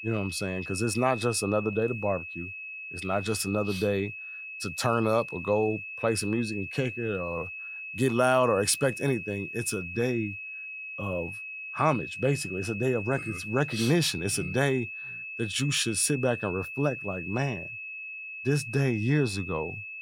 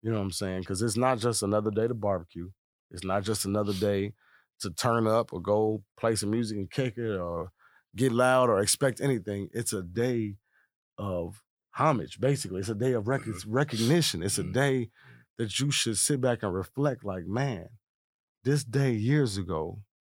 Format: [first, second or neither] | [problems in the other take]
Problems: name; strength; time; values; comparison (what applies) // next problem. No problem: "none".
second | high-pitched whine; loud; throughout; 2.5 kHz, 8 dB below the speech